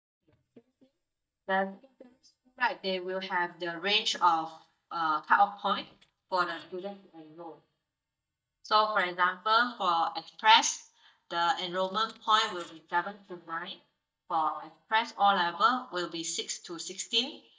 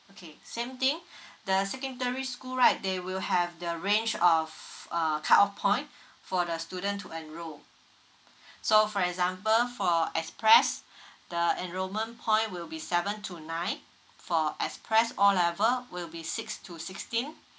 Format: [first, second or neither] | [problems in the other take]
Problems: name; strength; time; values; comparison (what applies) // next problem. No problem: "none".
second | noise reduction (neural mask model DeepFilterNet 3)